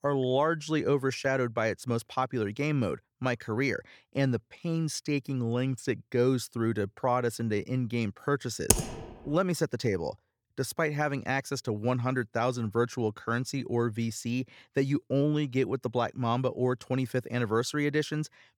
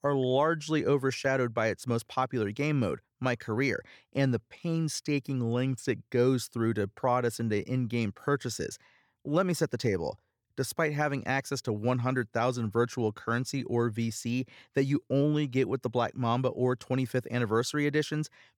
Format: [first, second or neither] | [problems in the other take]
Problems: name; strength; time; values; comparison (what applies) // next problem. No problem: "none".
second | keyboard typing; loud; at 8.5 s; peak 4 dB above the speech